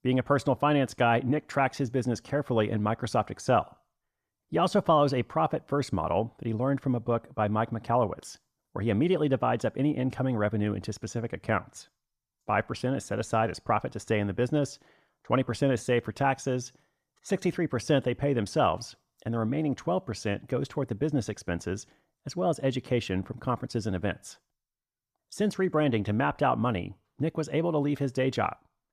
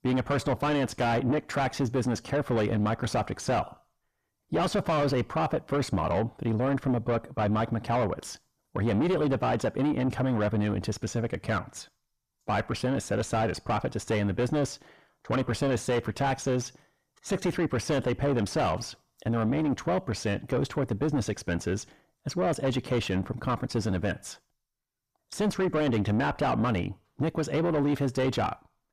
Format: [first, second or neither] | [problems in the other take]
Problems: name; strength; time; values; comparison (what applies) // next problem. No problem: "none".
first | distortion; heavy; 7 dB below the speech